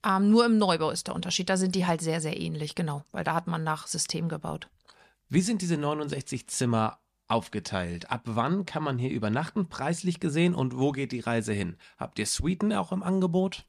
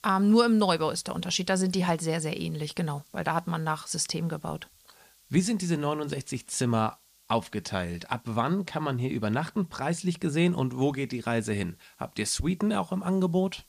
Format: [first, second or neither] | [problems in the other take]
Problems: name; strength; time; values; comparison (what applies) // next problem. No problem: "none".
first | hiss; faint; throughout; 30 dB below the speech